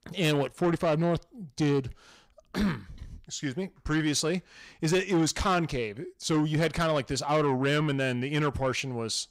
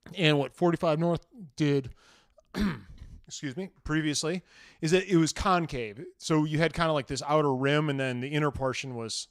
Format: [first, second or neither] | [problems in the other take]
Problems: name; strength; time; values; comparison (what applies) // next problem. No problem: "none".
second | distortion; slight; 10 dB below the speech